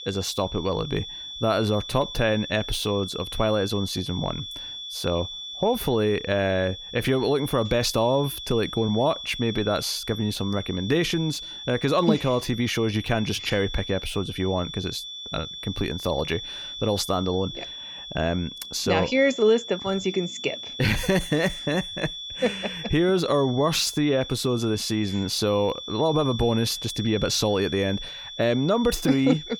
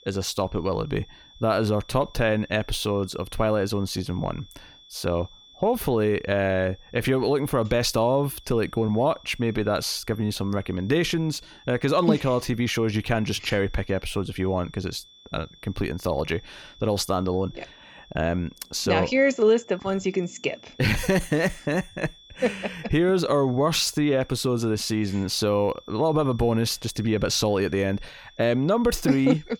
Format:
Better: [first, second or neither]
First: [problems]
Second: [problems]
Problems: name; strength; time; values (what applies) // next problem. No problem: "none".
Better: second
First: high-pitched whine; loud; throughout; 3.5 kHz, 9 dB below the speech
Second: high-pitched whine; faint; throughout; 3.5 kHz, 25 dB below the speech